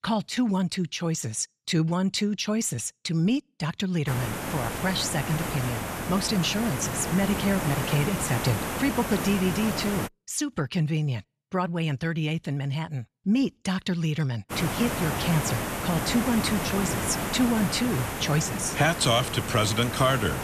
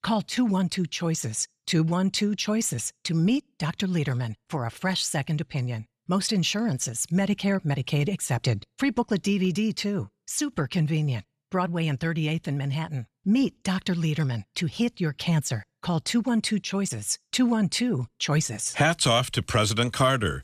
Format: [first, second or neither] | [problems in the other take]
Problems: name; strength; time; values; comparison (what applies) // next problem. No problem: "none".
second | hiss; loud; from 4 to 10 s and from 15 s on; 4 dB below the speech